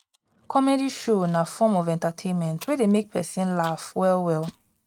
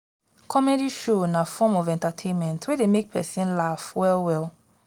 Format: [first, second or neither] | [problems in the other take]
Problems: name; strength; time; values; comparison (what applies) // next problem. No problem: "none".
second | noise reduction (neural mask model RNNoise)